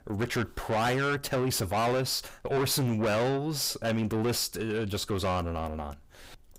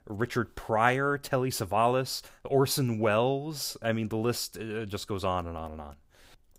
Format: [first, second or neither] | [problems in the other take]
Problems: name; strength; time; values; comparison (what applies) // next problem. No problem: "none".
second | distortion; heavy; 6 dB below the speech